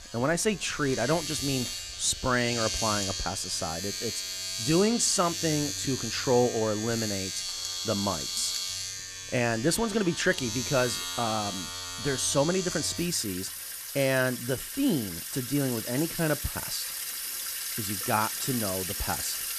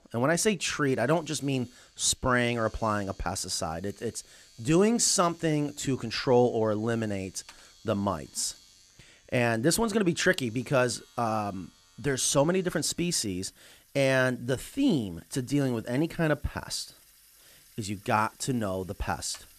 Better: second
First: household noises; loud; throughout; 3 dB below the speech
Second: household noises; faint; throughout; 30 dB below the speech

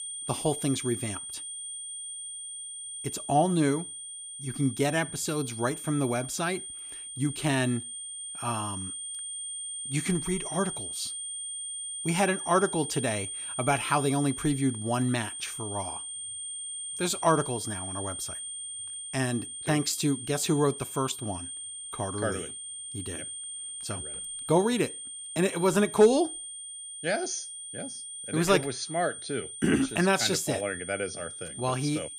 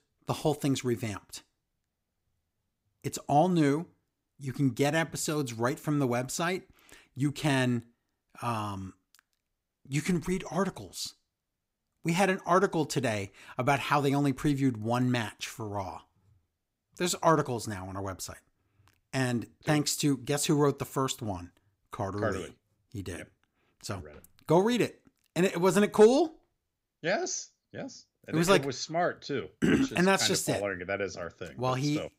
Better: second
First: high-pitched whine; loud; throughout; 9 kHz, 7 dB below the speech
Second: none

